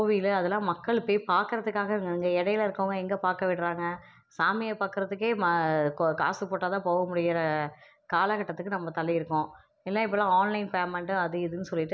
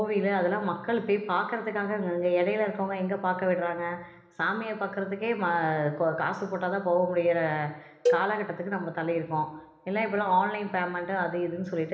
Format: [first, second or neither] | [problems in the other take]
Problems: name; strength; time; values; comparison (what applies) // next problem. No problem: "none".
first | background sound (Cowbell); 4 dB below the speech // room echo; dies away in 1.1 s